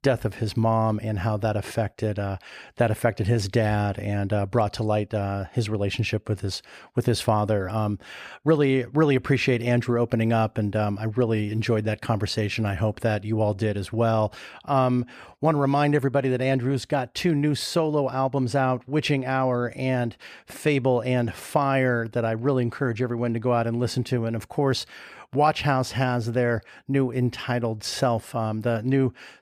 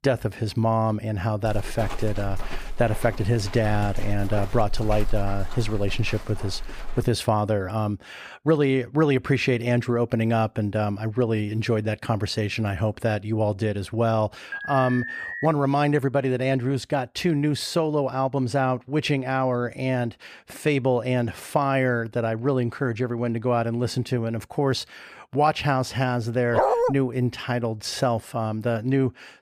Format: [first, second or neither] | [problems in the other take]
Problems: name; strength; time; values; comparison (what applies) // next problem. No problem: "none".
first | footsteps; noticeable; from 1.5 to 7 s; peak 9 dB below the speech // alarm; noticeable; at 15 s; peak 6 dB below the speech // dog barking; loud; at 27 s; peak 4 dB above the speech